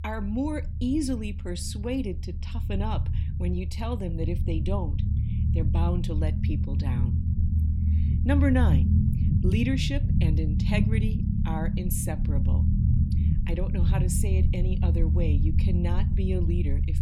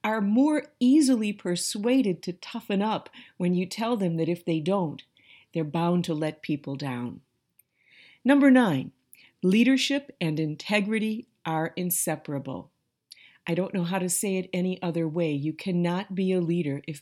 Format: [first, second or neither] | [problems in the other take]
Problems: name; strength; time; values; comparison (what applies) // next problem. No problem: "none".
second | low rumble; loud; throughout; 4 dB below the speech